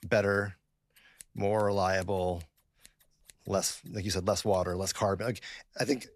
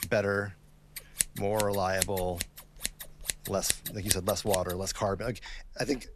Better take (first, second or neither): first